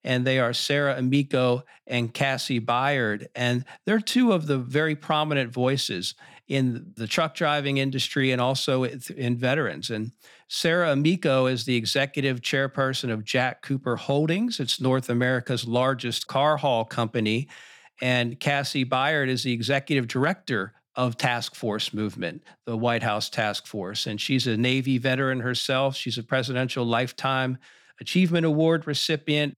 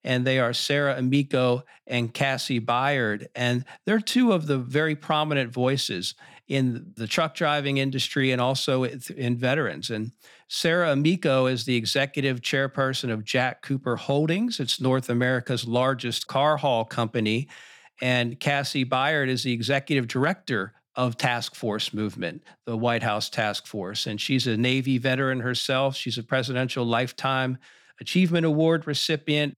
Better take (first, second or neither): neither